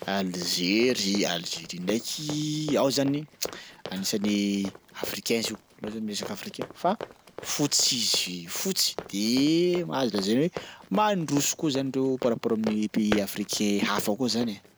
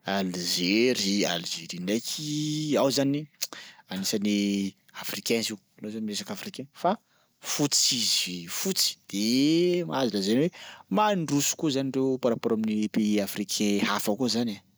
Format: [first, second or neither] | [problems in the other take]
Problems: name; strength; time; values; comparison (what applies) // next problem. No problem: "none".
second | background sound (Run); 14 dB below the speech